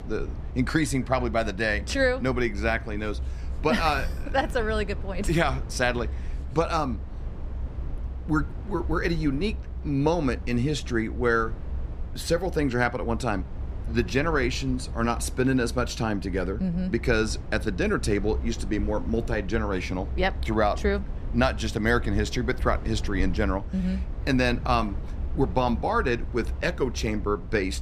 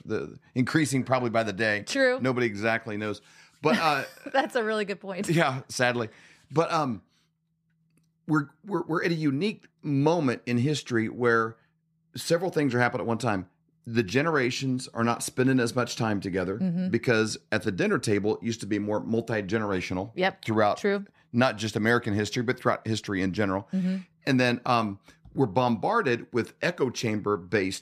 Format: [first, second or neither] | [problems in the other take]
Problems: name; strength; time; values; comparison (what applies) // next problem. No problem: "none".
second | low rumble; faint; throughout; 20 dB below the speech